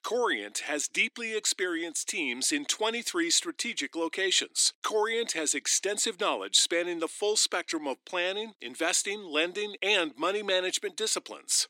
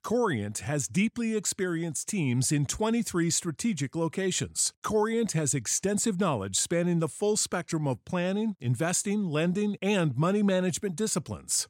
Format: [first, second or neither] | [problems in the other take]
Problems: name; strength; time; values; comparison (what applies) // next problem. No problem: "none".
second | thin; very; fading below 300 Hz